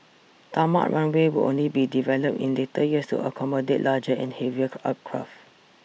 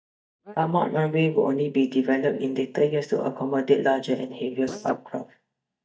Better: first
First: none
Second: noise reduction (neural mask model DeepFilterNet 3)

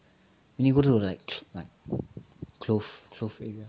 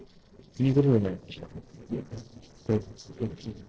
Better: first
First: none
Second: noise reduction (neural separator model SepFormer DNS4)

